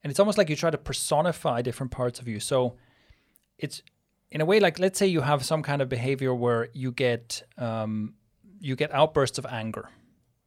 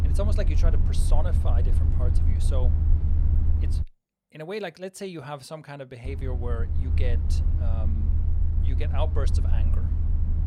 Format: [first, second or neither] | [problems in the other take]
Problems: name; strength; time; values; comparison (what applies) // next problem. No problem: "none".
first | low rumble; loud; until 4 s and from 6 s on; 5 dB below the speech